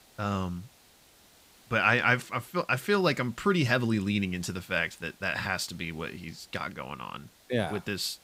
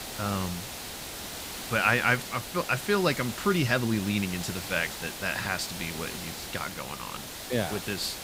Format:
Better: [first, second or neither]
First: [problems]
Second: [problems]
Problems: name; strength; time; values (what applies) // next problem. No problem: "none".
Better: first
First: hiss; faint; throughout; 30 dB below the speech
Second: hiss; loud; throughout; 8 dB below the speech